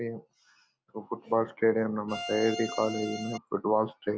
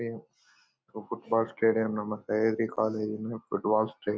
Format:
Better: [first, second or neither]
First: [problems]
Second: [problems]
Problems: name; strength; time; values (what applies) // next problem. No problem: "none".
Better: second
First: background sound (Bowed string instrument); 8 dB below the speech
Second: none